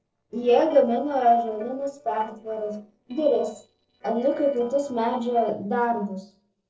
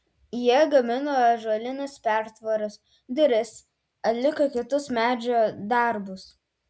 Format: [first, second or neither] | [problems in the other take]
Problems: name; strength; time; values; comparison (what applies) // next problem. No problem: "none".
second | noise reduction (neural separator model SepFormer DNS4)